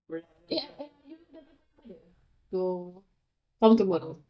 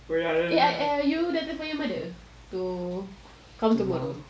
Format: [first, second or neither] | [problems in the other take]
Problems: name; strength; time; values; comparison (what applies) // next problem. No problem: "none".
second | noise reduction (neural mask model DeepFilterNet 3)